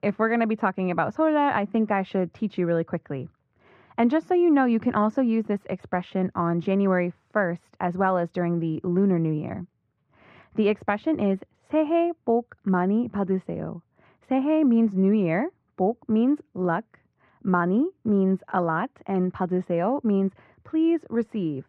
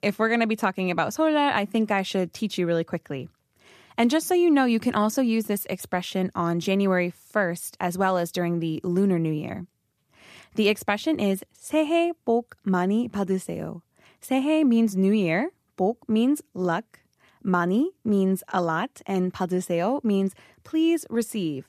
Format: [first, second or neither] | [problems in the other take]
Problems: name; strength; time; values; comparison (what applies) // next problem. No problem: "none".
second | muffled; very; fading above 1.5 kHz